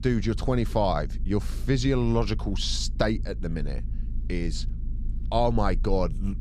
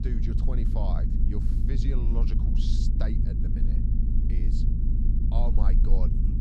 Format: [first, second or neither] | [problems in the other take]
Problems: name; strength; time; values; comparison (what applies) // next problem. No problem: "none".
first | low rumble; loud; throughout; as loud as the speech; faint in the first